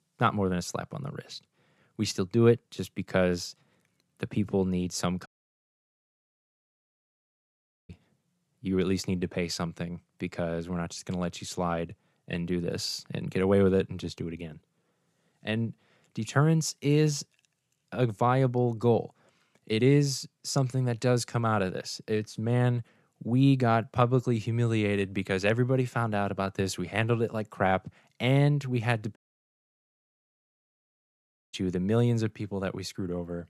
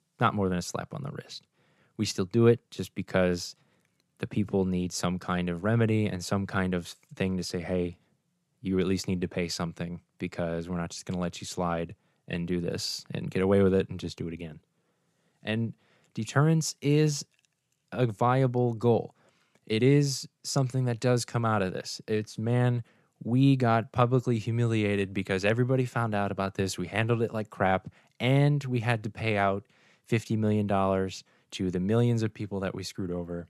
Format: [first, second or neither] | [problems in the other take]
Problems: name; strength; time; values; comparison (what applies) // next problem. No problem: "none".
second | audio cutting out; at 5.5 s for 2.5 s and at 29 s for 2.5 s